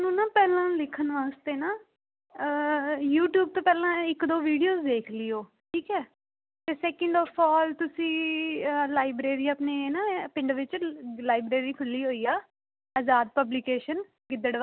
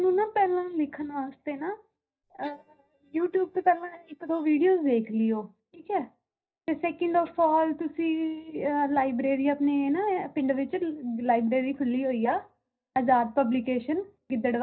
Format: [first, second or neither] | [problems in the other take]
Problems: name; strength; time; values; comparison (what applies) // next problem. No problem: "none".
first | noise reduction (neural mask model DeepFilterNet 3)